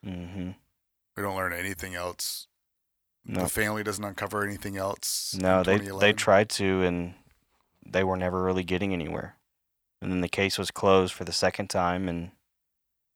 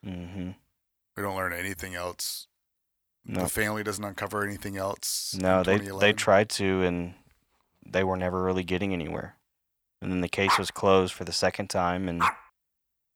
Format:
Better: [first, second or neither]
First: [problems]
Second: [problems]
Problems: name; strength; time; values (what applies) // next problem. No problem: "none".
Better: first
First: none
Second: dog barking; loud; from 10 to 12 s; peak 1 dB above the speech